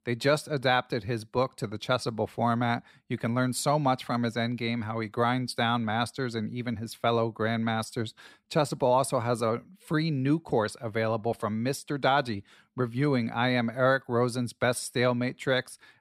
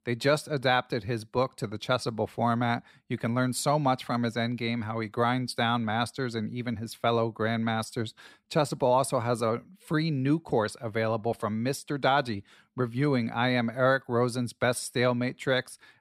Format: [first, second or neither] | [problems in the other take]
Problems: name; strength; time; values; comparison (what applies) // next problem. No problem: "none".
neither | none